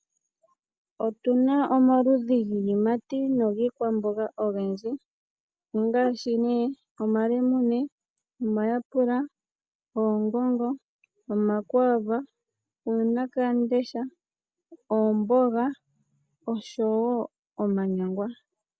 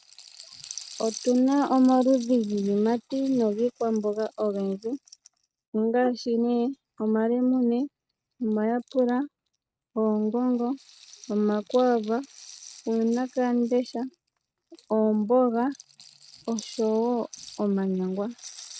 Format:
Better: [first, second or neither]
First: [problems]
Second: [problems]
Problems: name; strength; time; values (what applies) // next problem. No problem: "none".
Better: first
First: none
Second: noise reduction (neural mask model RNNoise)